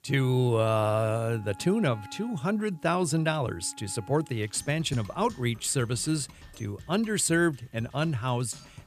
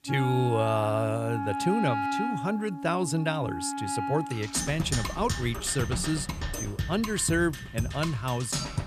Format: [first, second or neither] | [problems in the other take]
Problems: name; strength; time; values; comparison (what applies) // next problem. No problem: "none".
first | background music; loud; throughout; 4 dB below the speech; faint in the first